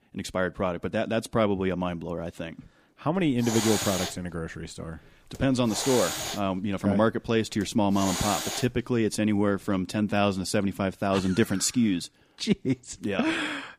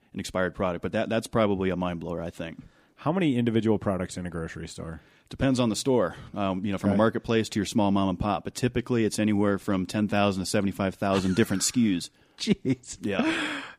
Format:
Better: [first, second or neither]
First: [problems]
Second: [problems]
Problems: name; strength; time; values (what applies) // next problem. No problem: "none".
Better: second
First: hiss; loud; from 3 to 10 s; 4 dB below the speech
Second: none